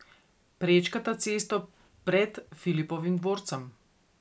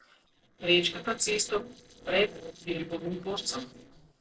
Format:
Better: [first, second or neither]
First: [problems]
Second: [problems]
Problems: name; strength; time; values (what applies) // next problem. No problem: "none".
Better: first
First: none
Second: noise reduction (neural separator model SepFormer DNS4)